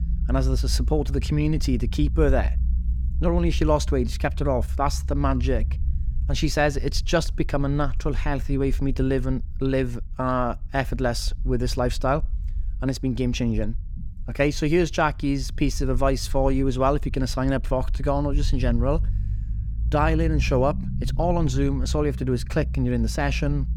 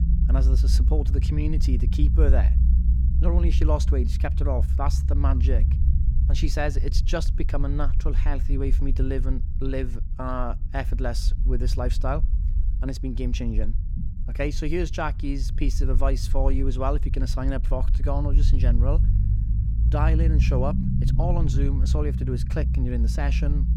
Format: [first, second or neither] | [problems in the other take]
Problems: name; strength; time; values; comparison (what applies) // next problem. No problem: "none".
first | low rumble; loud; throughout; 9 dB below the speech; faint in the first